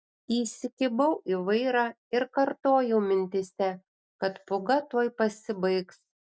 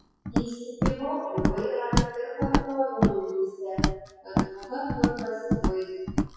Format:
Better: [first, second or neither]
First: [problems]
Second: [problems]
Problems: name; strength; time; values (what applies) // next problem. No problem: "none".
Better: first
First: none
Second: noise reduction (classical method WPE with log-MMSE)